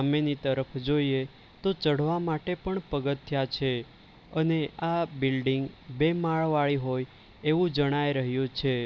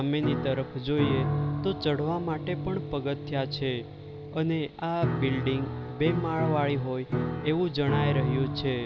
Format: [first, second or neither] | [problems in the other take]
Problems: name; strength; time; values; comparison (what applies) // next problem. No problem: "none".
first | background sound (Piano); 2 dB below the speech